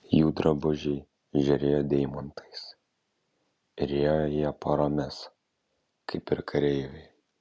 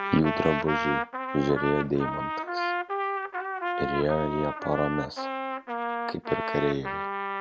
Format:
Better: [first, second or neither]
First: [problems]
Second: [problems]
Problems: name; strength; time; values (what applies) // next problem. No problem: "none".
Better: first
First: none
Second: background sound (Trumpet); 2 dB below the speech